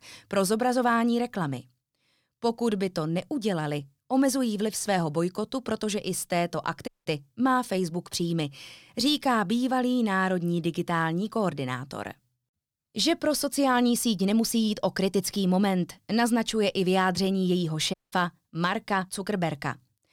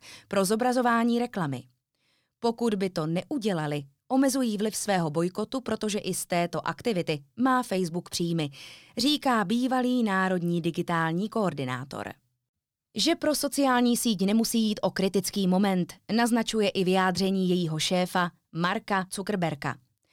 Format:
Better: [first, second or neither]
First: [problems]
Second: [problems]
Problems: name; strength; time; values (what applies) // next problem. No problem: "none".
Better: second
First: audio cutting out; at 7 s and at 18 s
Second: none